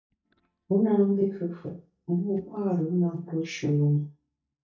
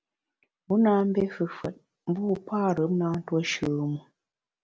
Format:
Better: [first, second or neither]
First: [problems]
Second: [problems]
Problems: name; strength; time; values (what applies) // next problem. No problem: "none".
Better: second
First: noise reduction (neural mask model DeepFilterNet 3)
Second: none